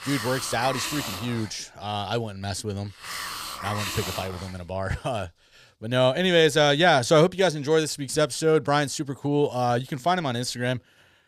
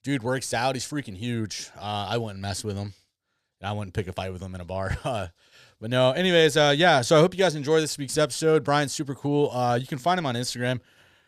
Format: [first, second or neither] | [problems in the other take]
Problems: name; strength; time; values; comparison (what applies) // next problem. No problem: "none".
second | hiss; loud; until 5.5 s; 8 dB below the speech